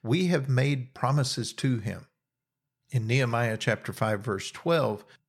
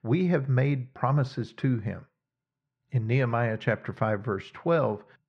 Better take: first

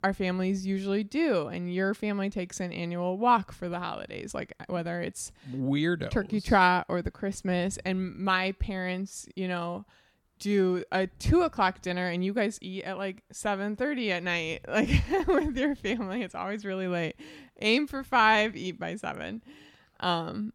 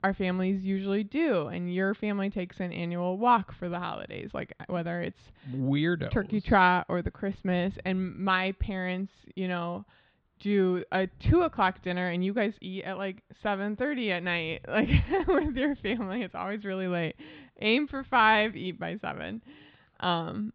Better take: first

